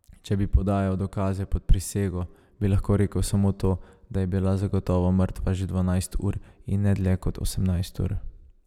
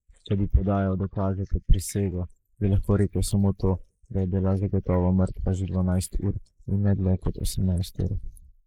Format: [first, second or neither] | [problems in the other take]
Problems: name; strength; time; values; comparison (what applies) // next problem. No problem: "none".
first | noise reduction (neural mask model Resemble Enhance denoiser)